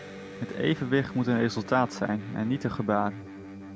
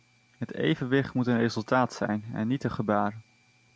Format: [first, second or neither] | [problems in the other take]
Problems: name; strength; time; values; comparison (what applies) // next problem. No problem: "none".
second | background sound (Electric guitar); 13 dB below the speech